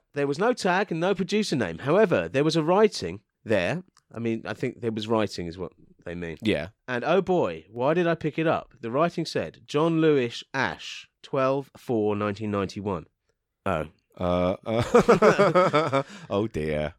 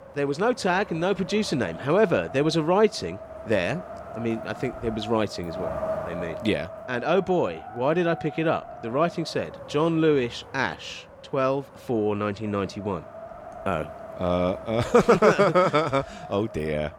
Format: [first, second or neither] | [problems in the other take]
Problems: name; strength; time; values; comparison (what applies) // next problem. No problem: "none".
first | wind noise on the microphone; occasional gusts; 15 dB below the speech